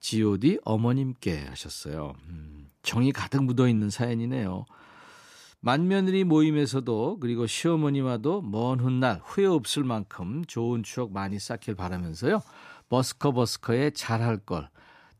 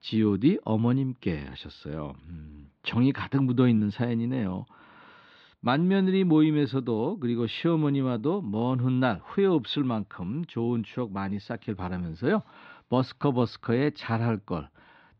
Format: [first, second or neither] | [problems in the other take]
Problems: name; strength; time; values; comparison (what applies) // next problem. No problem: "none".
first | muffled; slightly; fading above 4 kHz